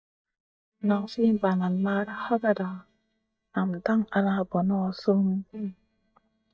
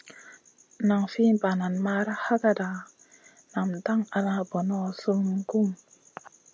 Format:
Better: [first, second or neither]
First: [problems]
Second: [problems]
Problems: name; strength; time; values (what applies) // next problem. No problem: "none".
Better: second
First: noise reduction (neural mask model DeepFilterNet 3)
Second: none